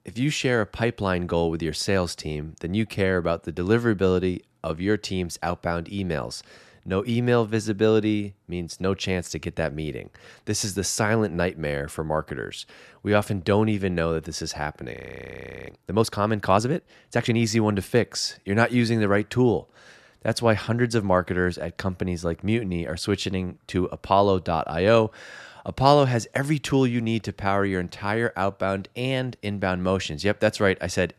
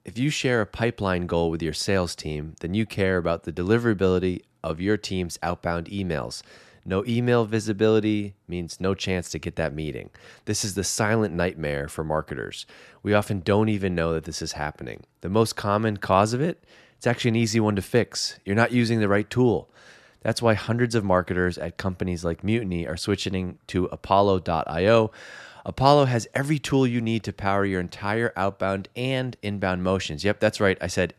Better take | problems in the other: second | audio freezing; at 15 s for 0.5 s

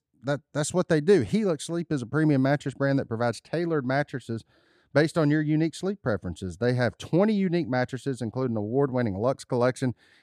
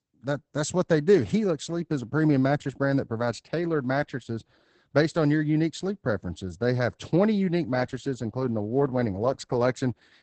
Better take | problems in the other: first | garbled, watery; badly; nothing above 8 kHz

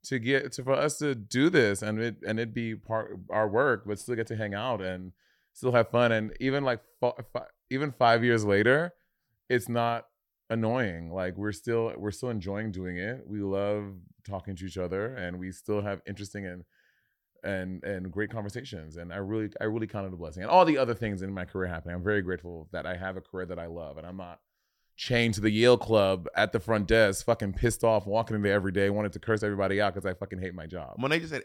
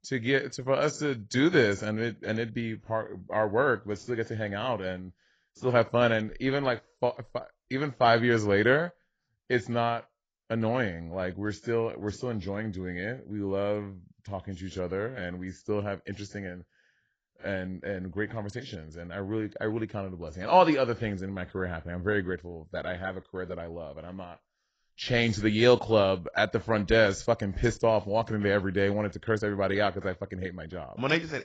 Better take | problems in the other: first | garbled, watery; badly; nothing above 7.5 kHz

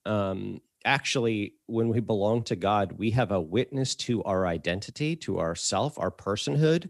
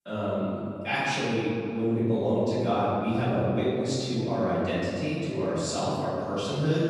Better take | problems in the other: first | off-mic speech; far // room echo; strong; dies away in 2.7 s

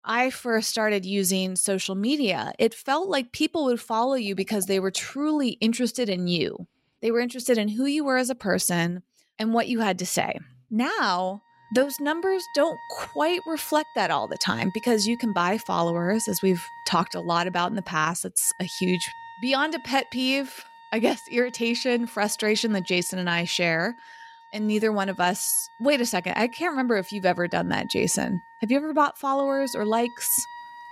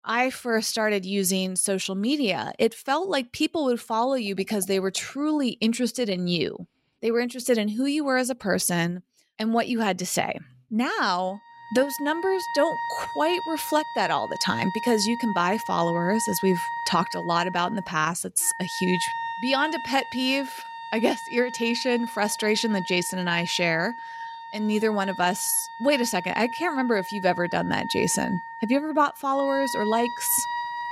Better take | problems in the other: first | background music; loud; from 12 s on; 9 dB below the speech; faint in the first

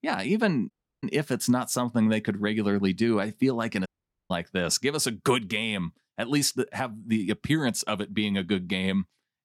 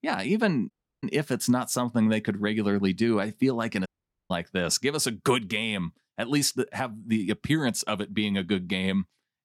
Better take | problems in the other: neither | audio cutting out; at 0.5 s and at 4 s; the same in both

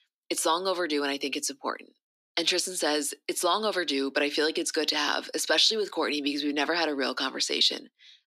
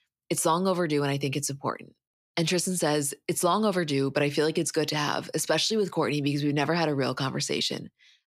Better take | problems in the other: second | thin; very slightly; fading below 250 Hz

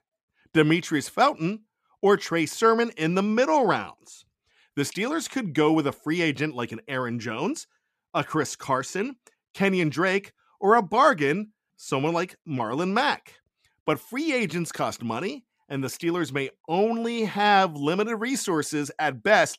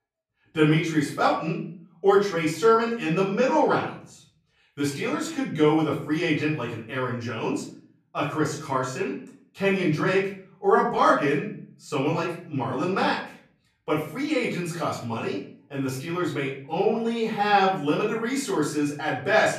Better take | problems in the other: first | room echo; slight; dies away in 0.5 s // off-mic speech; far

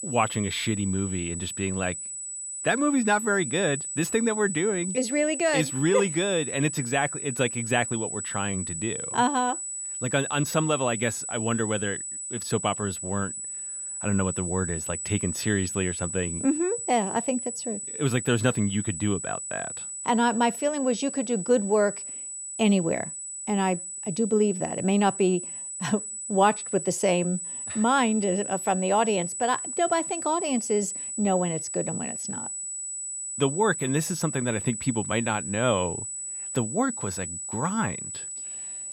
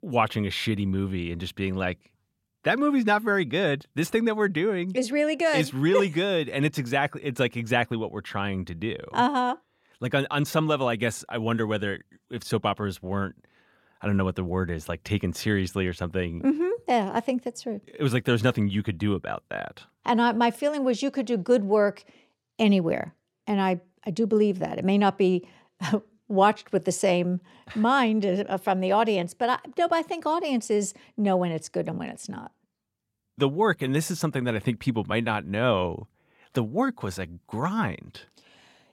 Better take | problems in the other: second | high-pitched whine; loud; throughout; 8 kHz, 5 dB below the speech

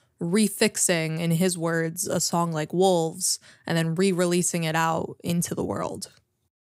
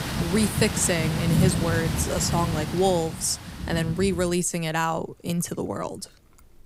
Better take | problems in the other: first | rain or running water; loud; throughout; 3 dB below the speech

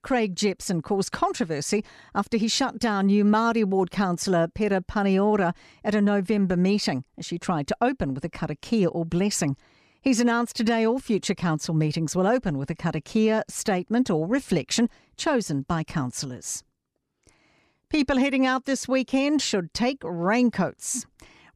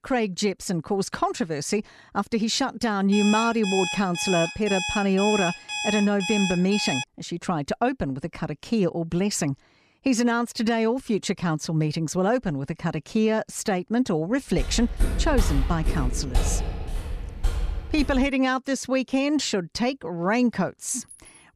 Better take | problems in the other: first | alarm; noticeable; from 3 to 7 s; peak 2 dB below the speech // footsteps; noticeable; from 15 to 18 s; peak 1 dB below the speech // clattering dishes; faint; at 21 s; peak 15 dB below the speech

